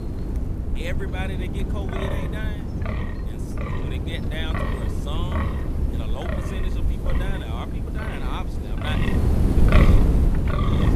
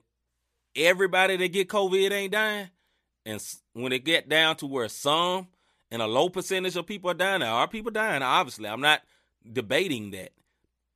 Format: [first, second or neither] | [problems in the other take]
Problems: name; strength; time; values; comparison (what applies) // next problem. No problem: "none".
second | wind noise on the microphone; heavy; 4 dB above the speech